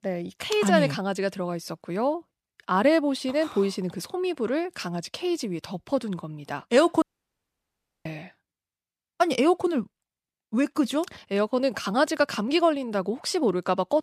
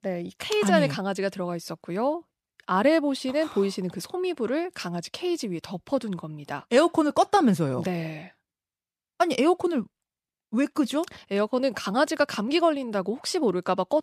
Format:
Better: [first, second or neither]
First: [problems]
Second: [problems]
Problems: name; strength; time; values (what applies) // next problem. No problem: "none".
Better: second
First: audio cutting out; at 7 s for 1 s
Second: none